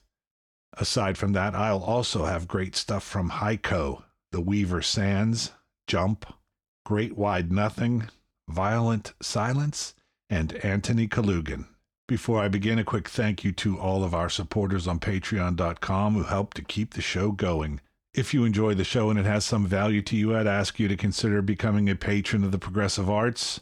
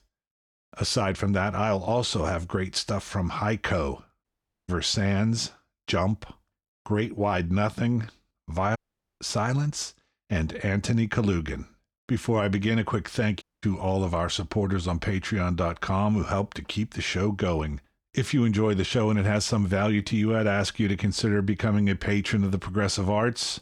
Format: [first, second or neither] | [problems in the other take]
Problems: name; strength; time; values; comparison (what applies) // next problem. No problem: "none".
first | audio cutting out; at 4 s, at 9 s and at 13 s